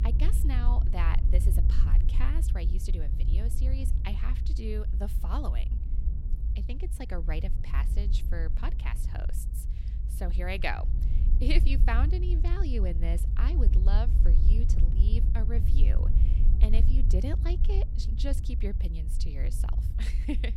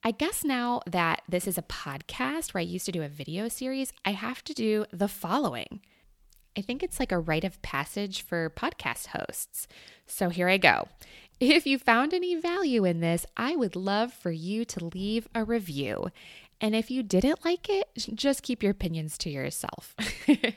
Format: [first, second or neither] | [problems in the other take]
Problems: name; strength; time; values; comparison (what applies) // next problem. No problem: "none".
second | low rumble; loud; throughout; 7 dB below the speech